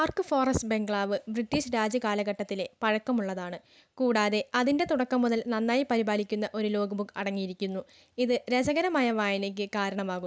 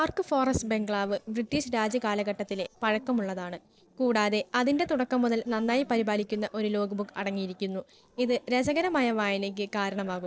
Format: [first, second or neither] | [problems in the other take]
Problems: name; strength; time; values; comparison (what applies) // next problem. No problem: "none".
first | noise reduction (neural separator model SepFormer DNS4)